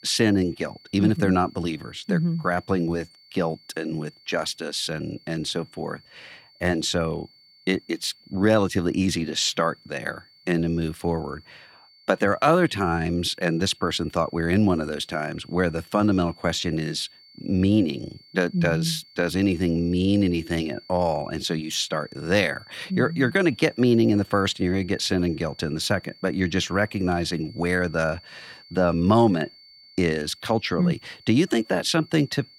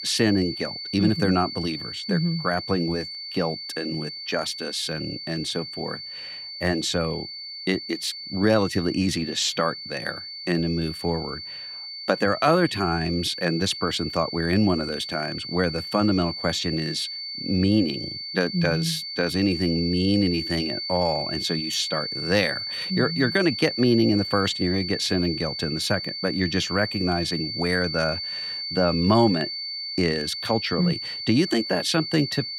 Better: first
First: high-pitched whine; faint; throughout; 4.5 kHz, 25 dB below the speech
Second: high-pitched whine; loud; throughout; 4.5 kHz, 6 dB below the speech

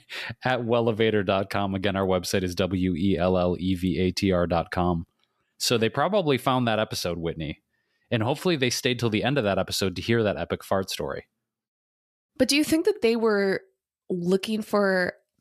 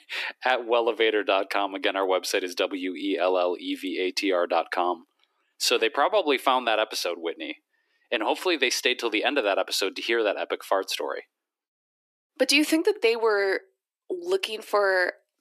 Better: first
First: none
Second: thin; somewhat; fading below 300 Hz

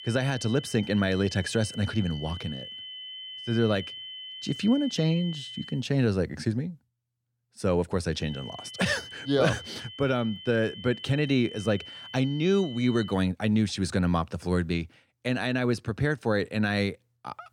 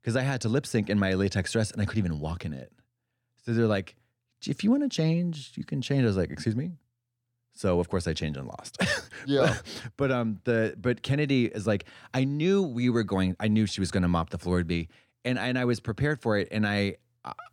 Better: second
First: high-pitched whine; noticeable; until 5.5 s and from 8 to 13 s; 3 kHz, 10 dB below the speech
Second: none

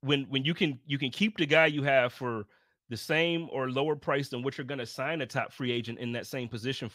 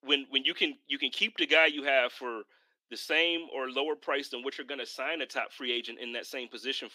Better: first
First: none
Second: thin; somewhat; fading below 300 Hz

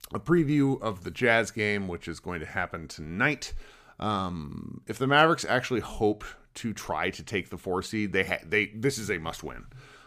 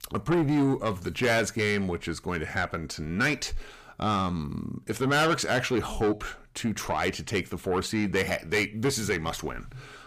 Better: first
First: none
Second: distortion; heavy; 7 dB below the speech

